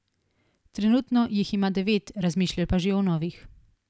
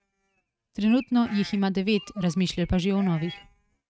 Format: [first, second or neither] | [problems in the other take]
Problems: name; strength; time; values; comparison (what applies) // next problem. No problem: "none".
first | noise reduction (neural mask model RNNoise)